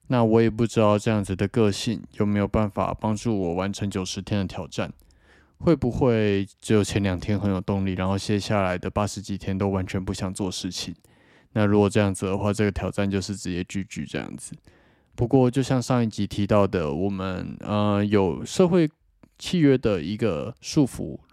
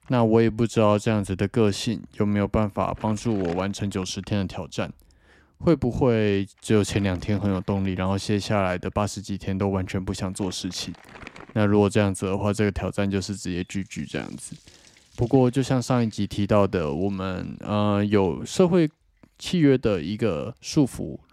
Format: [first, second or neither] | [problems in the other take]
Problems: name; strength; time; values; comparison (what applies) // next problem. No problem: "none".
first | household noises; faint; throughout; 25 dB below the speech